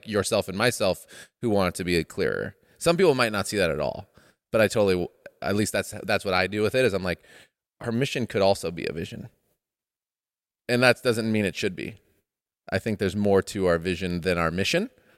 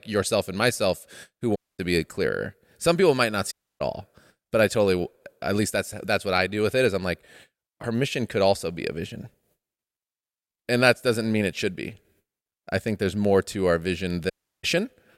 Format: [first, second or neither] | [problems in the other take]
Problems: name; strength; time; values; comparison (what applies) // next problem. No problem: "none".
first | audio cutting out; at 1.5 s, at 3.5 s and at 14 s